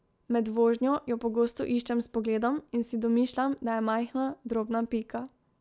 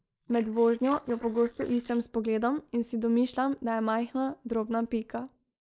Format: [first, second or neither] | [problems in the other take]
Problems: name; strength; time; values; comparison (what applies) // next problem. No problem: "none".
first | noise reduction (neural mask model Resemble Enhance denoiser)